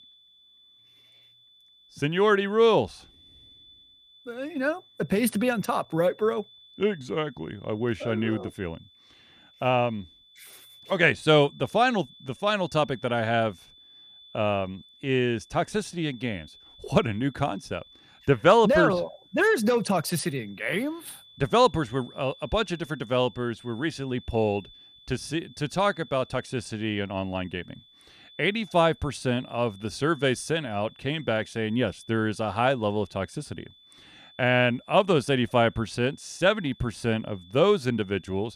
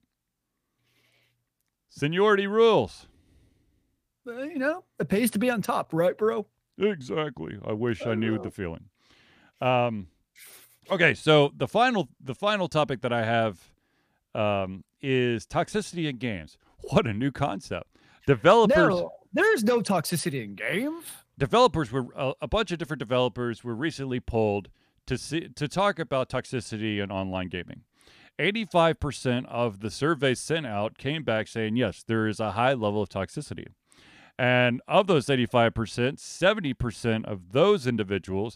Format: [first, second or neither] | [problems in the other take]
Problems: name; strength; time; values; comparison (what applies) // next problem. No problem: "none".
second | high-pitched whine; faint; throughout; 3.5 kHz, 25 dB below the speech